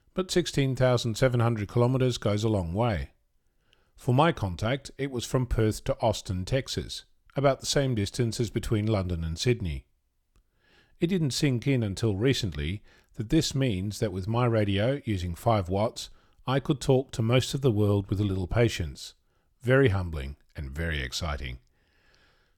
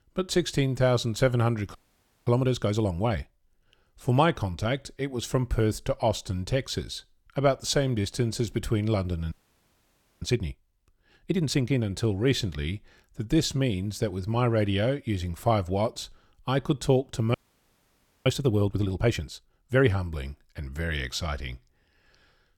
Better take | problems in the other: first | audio freezing; at 2 s for 0.5 s, at 9.5 s for 1 s and at 17 s for 1 s

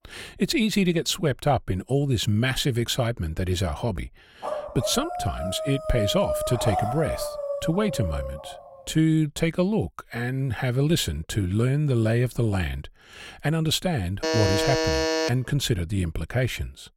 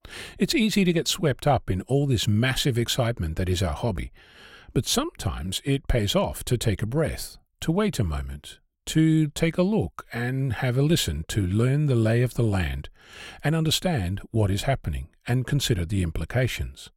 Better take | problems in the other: second | dog barking; noticeable; from 4.5 to 8.5 s; peak 2 dB below the speech // alarm; loud; from 14 to 15 s; peak 2 dB above the speech

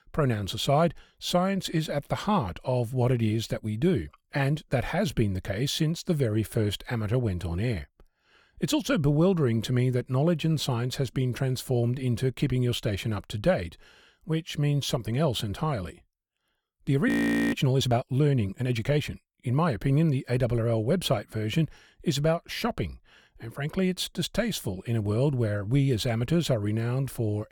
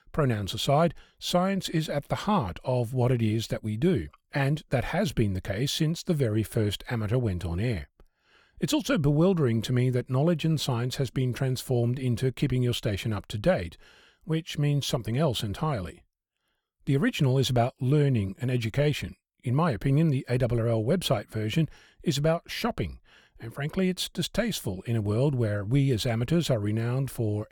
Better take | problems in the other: second | audio freezing; at 17 s

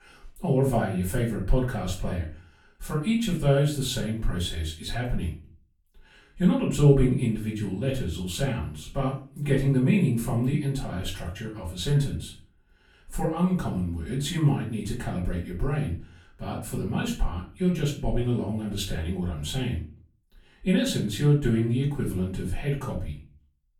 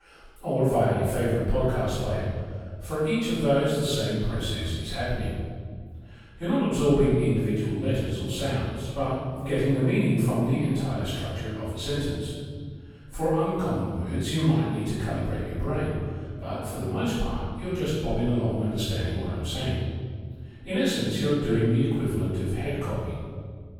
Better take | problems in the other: first | room echo; strong; dies away in 1.9 s; slight in the first // off-mic speech; far; far in the first

